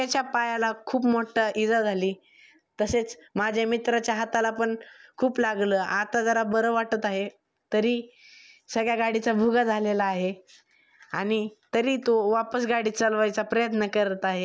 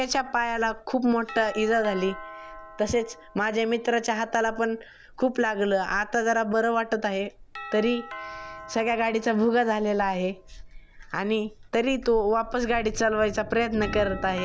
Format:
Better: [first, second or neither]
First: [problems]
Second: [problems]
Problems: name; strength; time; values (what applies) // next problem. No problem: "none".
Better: first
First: none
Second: background sound (Doorbell + Thunder); 15 dB below the speech